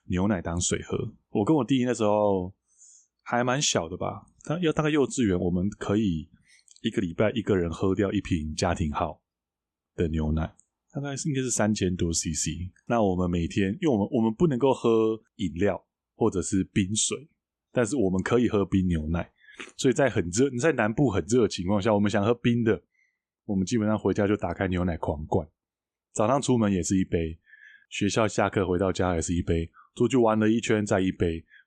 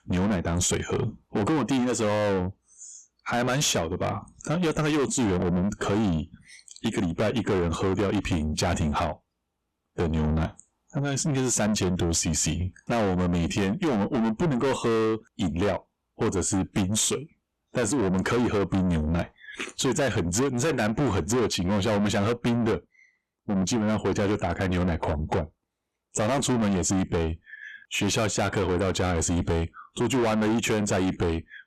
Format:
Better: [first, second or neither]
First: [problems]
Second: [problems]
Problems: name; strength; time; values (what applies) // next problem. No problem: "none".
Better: first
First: none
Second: distortion; heavy; 6 dB below the speech